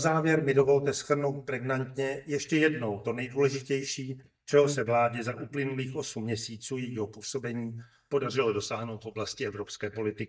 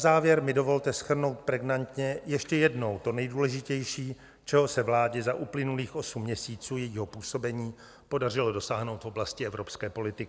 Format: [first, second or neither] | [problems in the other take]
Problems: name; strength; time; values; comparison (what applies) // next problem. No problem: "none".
second | noise reduction (neural mask model DeepFilterNet 3)